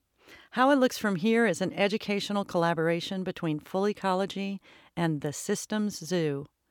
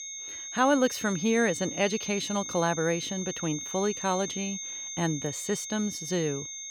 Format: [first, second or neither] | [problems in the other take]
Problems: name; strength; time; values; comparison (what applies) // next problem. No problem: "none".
first | high-pitched whine; loud; throughout; 6.5 kHz, 6 dB below the speech